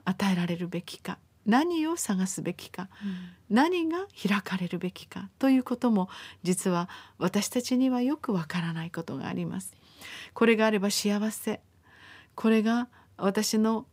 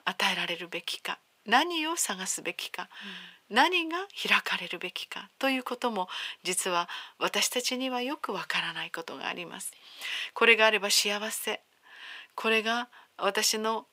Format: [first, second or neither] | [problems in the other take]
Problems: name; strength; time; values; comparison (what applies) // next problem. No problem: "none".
first | thin; very; fading below 550 Hz